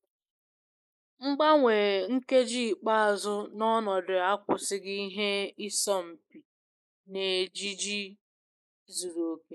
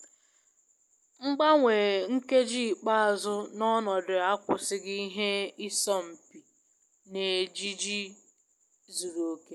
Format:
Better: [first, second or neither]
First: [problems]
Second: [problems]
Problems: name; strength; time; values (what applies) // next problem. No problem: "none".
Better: second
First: noise reduction (neural mask model Resemble Enhance denoiser)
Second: none